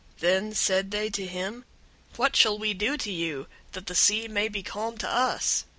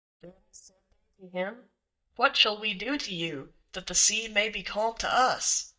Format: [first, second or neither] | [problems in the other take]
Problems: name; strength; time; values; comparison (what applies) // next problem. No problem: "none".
first | noise reduction (neural mask model DeepFilterNet 3)